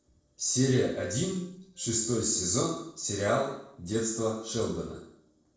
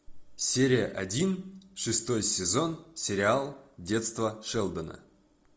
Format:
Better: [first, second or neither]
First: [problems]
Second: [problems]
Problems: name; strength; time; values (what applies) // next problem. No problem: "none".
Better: second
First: noise reduction (neural separator model SepFormer DNS4)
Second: none